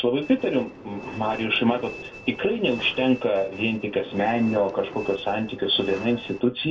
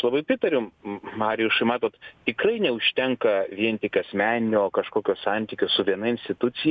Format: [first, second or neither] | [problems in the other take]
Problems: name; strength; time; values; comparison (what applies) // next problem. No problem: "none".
second | background sound (Train); 15 dB below the speech // room echo; dies away in 0.2 s